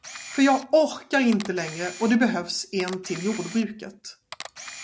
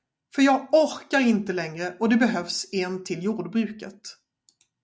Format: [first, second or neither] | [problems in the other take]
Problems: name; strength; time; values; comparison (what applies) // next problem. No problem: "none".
second | background sound (Camera); 16 dB below the speech